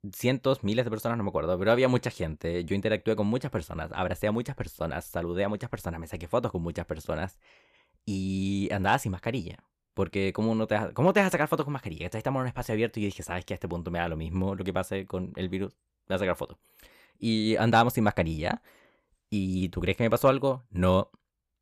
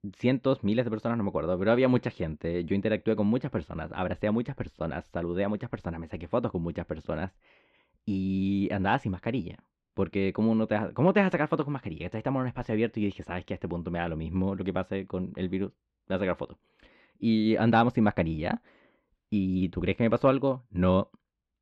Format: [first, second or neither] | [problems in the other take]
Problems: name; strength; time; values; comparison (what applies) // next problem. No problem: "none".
first | muffled; slightly; fading above 3.5 kHz